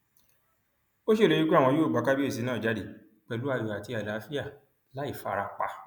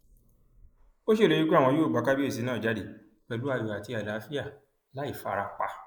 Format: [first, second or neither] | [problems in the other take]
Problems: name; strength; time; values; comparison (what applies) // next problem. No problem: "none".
first | noise reduction (neural mask model Resemble Enhance denoiser)